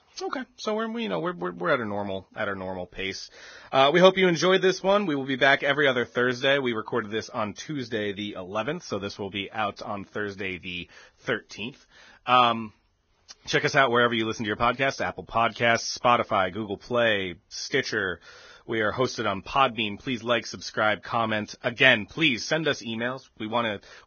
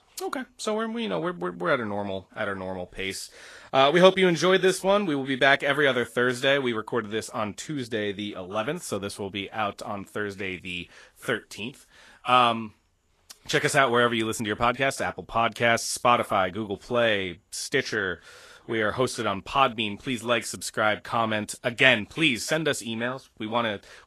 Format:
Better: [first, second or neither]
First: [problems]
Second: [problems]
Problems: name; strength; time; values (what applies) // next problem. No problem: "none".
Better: second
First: garbled, watery; badly; nothing above 6.5 kHz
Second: garbled, watery; slightly; nothing above 12.5 kHz